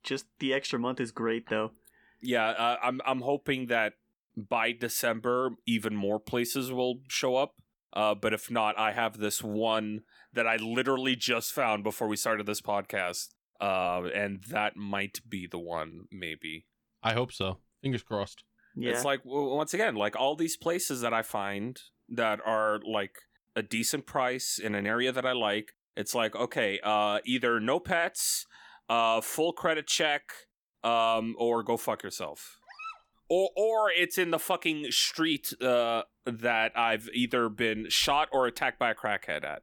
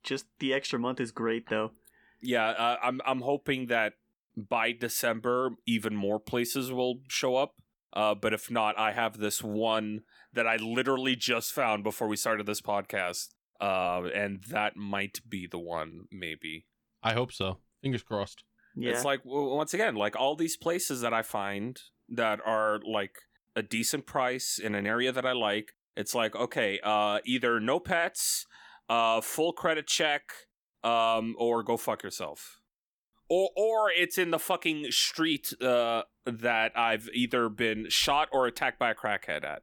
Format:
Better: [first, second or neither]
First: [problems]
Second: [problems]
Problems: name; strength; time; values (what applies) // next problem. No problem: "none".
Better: second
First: dog barking; faint; at 33 s; peak 15 dB below the speech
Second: none